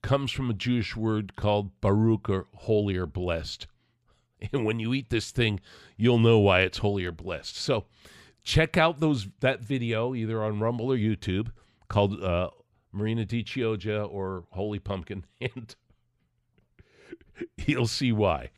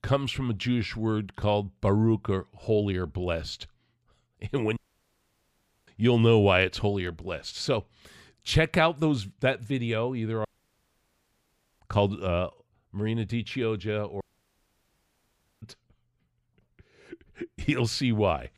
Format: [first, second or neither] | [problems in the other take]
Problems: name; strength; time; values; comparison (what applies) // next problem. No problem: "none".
first | audio cutting out; at 5 s for 1 s, at 10 s for 1.5 s and at 14 s for 1.5 s